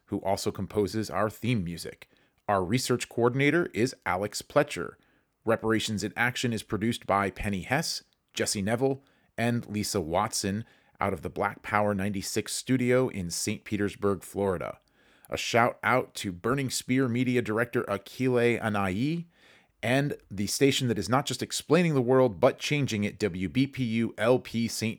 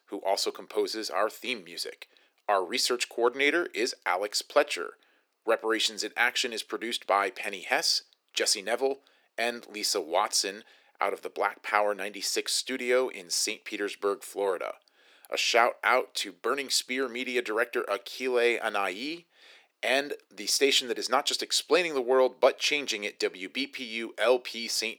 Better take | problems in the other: first | thin; somewhat; fading below 350 Hz

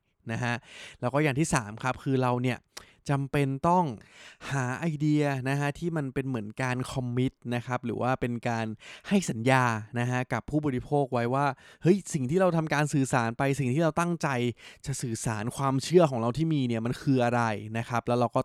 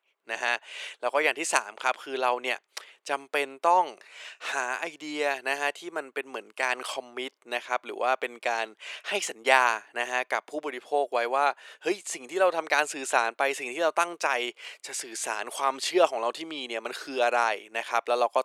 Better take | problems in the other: first | thin; very; fading below 450 Hz

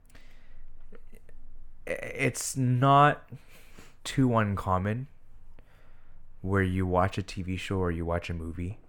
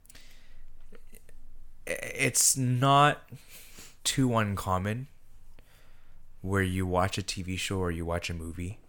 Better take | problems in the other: second | muffled; slightly; fading above 3 kHz

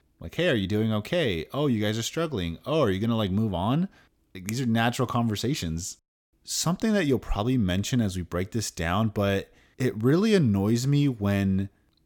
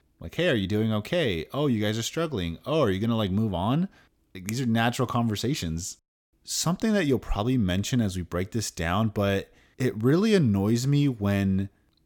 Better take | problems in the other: neither | none

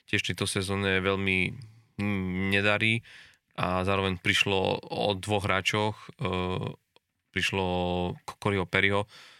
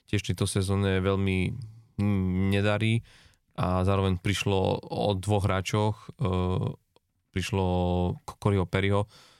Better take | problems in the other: second | thin; very slightly; fading below 350 Hz

